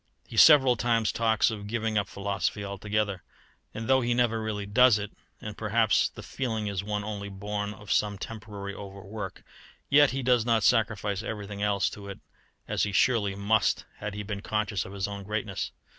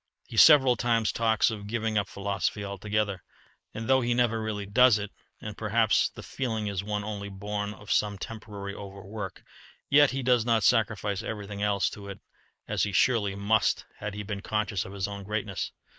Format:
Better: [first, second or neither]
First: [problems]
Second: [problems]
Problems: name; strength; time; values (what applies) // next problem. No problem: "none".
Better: first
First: none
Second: noise reduction (neural mask model Resemble Enhance denoiser)